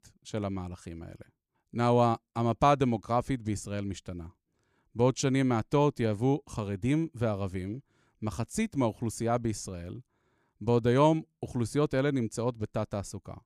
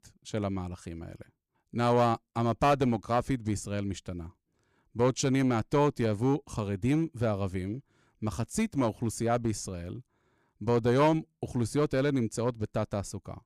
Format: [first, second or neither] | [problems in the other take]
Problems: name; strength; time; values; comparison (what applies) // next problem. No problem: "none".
first | distortion; slight; 3% of the sound clipped